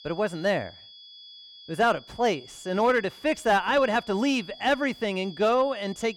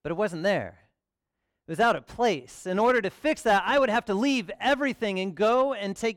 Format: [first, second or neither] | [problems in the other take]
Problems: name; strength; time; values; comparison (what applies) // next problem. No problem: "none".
second | high-pitched whine; noticeable; throughout; 3.5 kHz, 20 dB below the speech